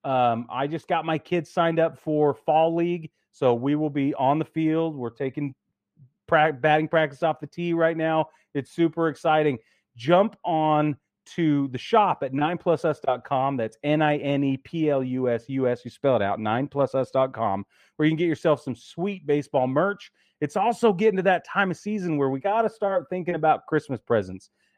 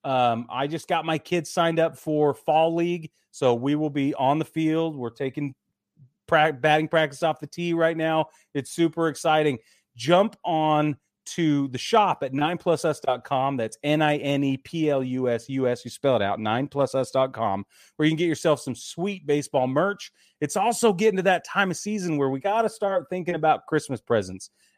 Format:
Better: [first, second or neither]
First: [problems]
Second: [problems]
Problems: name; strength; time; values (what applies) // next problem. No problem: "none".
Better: second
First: muffled; slightly; fading above 4 kHz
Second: none